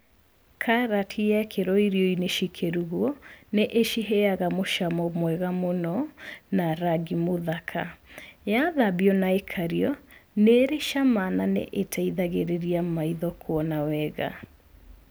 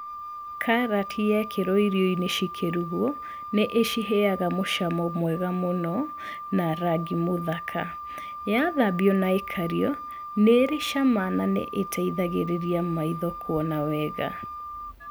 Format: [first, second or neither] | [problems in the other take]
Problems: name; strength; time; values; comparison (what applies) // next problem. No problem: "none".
first | background sound (Wind instrument, woodwind instrument); 11 dB below the speech